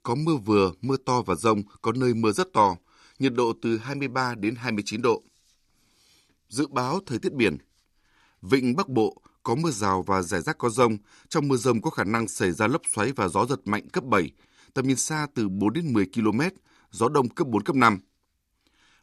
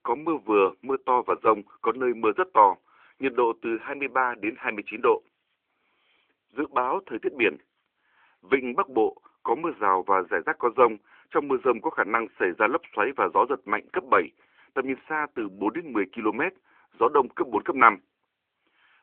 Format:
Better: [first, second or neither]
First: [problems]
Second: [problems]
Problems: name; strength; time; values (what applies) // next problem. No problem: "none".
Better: first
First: none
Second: phone-call audio